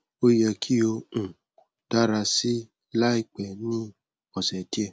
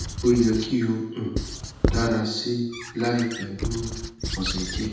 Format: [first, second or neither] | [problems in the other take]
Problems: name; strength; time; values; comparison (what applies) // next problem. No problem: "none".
first | background sound (Squeak / Writing); 5 dB below the speech // room echo; dies away in 0.9 s